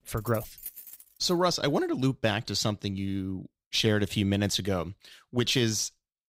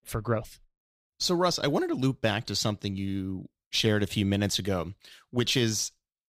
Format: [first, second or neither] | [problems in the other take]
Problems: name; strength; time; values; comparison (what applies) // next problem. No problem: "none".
second | jangling keys; faint; until 1.5 s; peak 10 dB below the speech